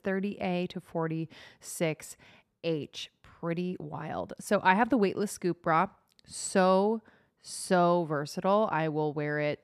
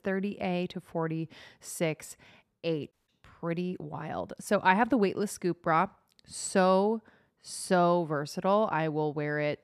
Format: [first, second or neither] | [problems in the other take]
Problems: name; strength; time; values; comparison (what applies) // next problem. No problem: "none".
first | audio cutting out; at 3 s